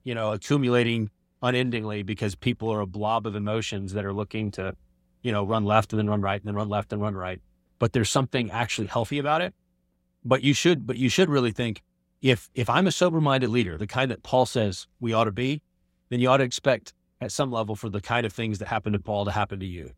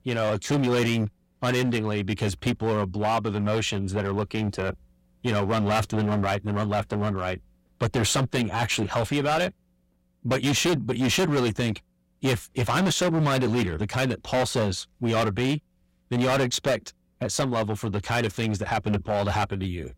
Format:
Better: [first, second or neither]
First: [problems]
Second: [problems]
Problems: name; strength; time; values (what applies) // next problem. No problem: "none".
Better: first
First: none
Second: distortion; heavy; 14% of the sound clipped